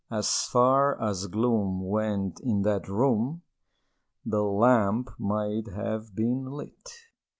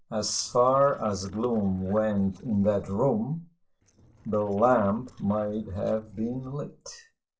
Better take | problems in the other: first | noise reduction (neural separator model SepFormer DNS4)

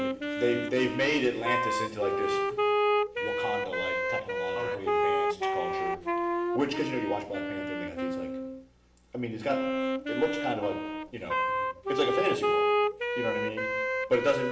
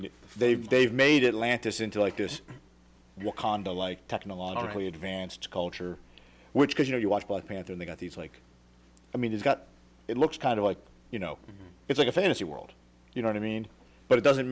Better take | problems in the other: second | background sound (Wind instrument, woodwind instrument); 3 dB above the speech // room echo; dies away in 0.8 s

